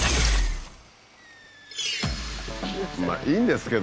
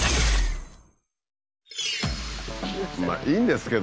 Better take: second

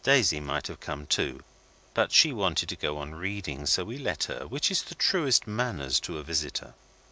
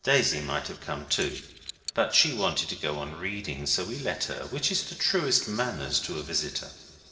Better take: first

